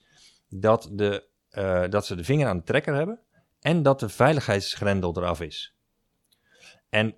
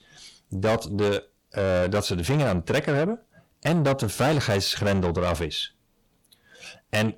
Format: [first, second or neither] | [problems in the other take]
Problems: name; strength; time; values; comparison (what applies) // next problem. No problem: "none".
first | distortion; heavy; 6 dB below the speech